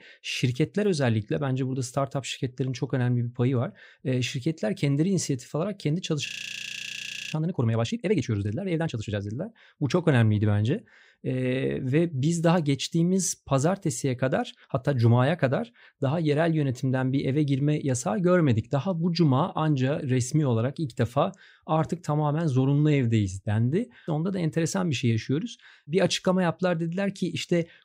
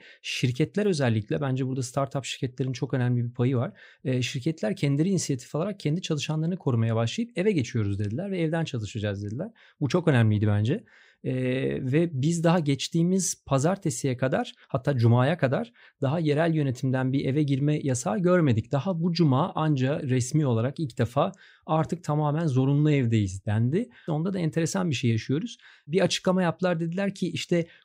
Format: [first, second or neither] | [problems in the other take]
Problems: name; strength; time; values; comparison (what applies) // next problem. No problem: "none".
second | audio freezing; at 6.5 s for 1 s